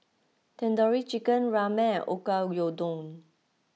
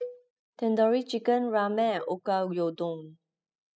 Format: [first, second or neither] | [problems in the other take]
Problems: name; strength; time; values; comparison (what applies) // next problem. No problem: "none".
first | noise reduction (classical method spectral subtraction)